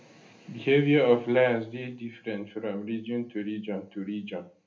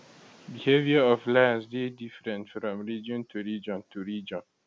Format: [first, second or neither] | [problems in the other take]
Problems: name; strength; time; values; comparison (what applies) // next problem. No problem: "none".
second | room echo; dies away in 0.3 s